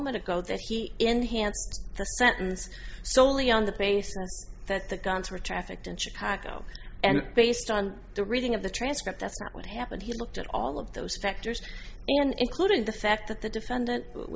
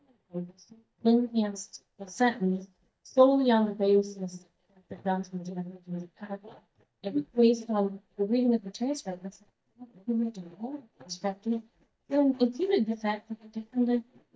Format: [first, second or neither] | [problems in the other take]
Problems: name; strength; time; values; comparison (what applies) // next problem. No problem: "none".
first | noise reduction (neural mask model DeepFilterNet 3)